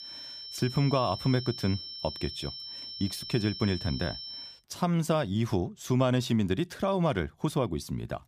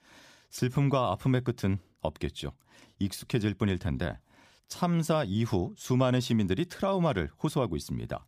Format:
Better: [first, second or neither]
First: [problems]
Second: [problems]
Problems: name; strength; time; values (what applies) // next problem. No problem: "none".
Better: second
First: high-pitched whine; loud; until 4.5 s; 5.5 kHz, 9 dB below the speech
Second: none